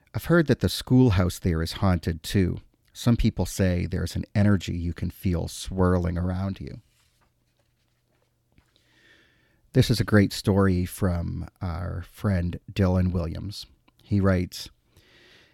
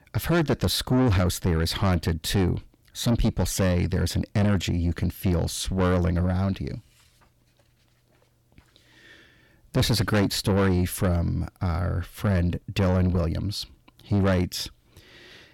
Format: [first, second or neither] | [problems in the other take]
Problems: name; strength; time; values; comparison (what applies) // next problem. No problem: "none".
first | distortion; heavy; 7 dB below the speech